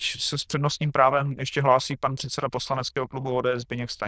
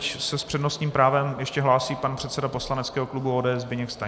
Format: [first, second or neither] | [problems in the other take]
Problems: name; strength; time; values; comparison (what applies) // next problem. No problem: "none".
second | noise reduction (neural diffusion model UNIVERSE++)